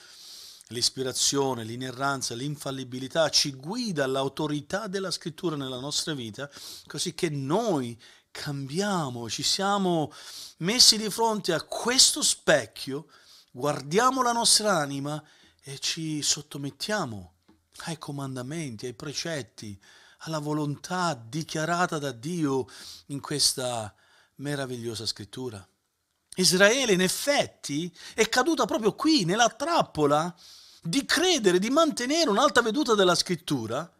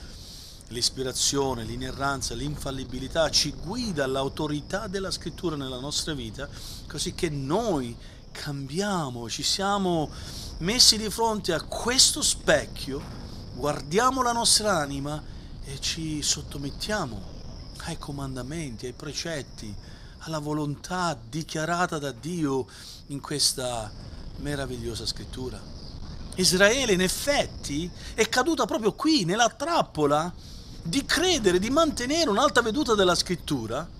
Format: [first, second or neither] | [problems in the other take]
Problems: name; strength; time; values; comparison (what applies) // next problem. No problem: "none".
first | wind noise on the microphone; occasional gusts; 25 dB below the speech